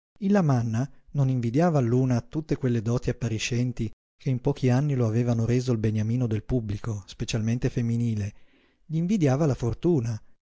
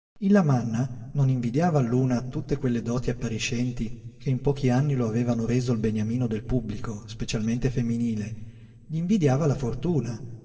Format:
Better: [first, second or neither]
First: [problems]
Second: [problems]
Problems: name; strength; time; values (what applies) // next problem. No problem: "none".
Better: first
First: none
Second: room echo; dies away in 2.3 s